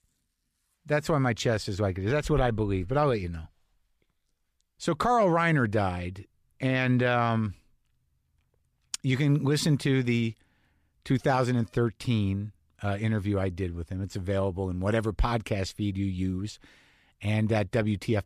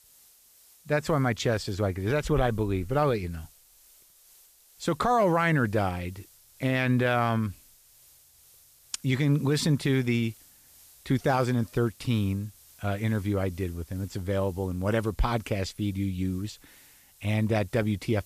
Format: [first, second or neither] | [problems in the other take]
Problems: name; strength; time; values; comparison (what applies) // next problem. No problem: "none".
first | hiss; faint; throughout; 25 dB below the speech